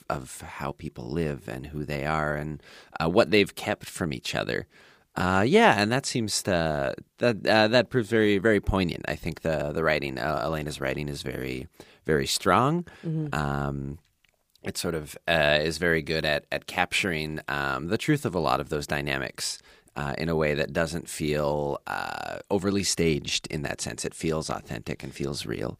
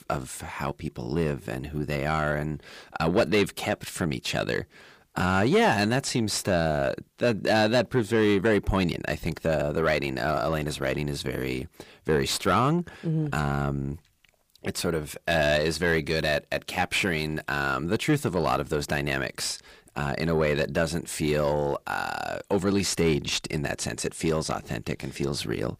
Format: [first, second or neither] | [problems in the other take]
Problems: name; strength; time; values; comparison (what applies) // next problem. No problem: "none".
first | distortion; slight; 10 dB below the speech